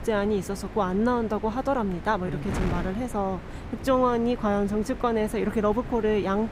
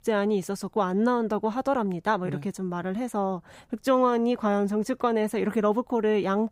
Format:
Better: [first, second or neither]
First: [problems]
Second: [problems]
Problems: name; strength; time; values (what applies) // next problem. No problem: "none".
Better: second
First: wind noise on the microphone; occasional gusts; 15 dB below the speech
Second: none